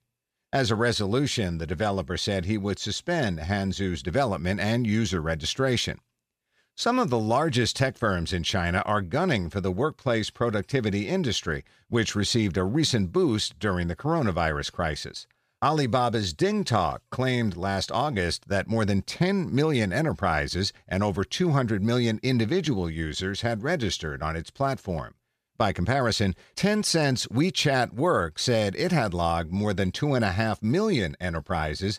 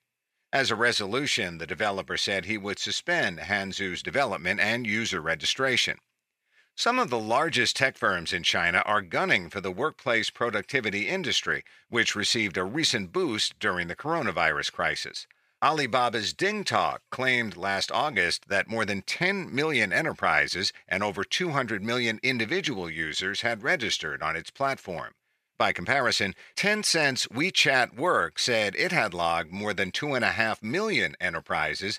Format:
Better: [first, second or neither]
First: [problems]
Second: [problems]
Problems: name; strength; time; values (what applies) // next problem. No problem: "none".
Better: first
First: none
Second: thin; somewhat; fading below 1 kHz